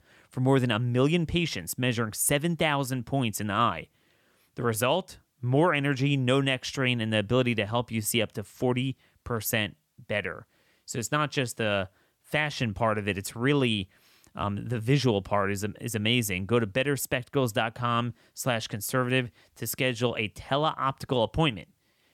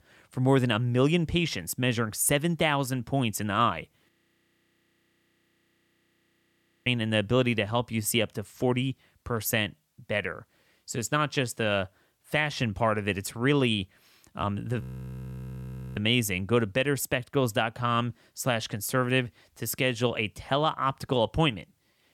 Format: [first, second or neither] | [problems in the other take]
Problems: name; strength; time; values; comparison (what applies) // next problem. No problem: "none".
first | audio freezing; at 4 s for 3 s and at 15 s for 1 s